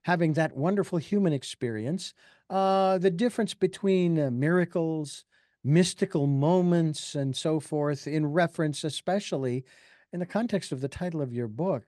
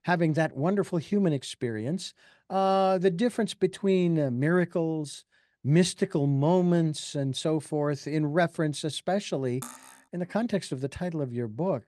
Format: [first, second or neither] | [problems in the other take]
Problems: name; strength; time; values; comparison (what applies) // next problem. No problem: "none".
first | clattering dishes; faint; at 9.5 s; peak 15 dB below the speech